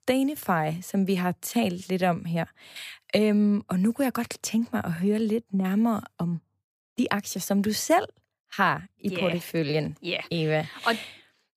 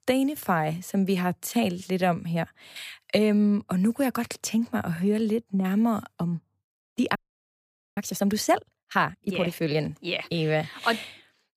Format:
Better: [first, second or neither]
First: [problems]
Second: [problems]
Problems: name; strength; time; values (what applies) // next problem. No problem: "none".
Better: first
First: none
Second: audio freezing; at 7 s for 1 s